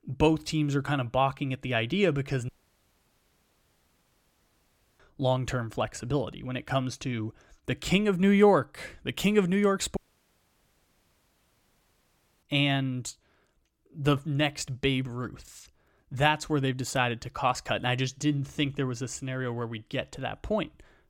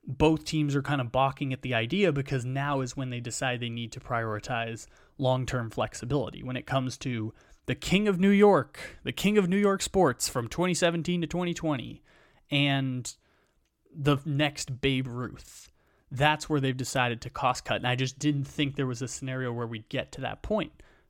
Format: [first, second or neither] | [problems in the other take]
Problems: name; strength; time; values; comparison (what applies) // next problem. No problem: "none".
second | audio cutting out; at 2.5 s for 2.5 s and at 10 s for 2.5 s